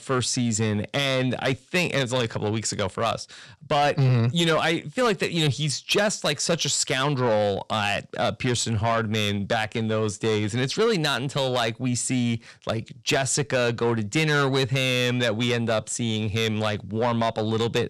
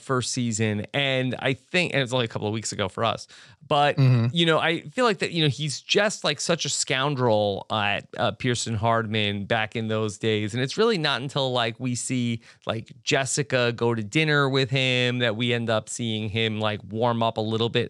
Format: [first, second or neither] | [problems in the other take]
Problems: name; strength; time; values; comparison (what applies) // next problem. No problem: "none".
second | distortion; slight; 10 dB below the speech